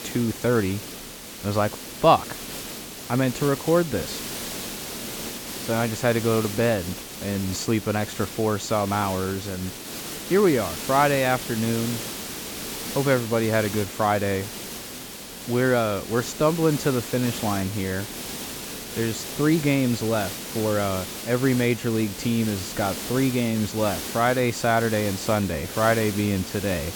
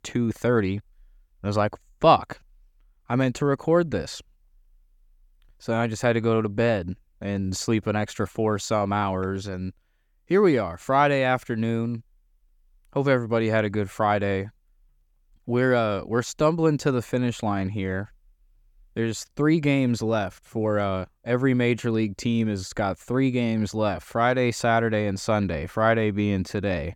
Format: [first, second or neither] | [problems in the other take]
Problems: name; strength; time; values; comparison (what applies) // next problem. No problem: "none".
second | hiss; loud; throughout; 8 dB below the speech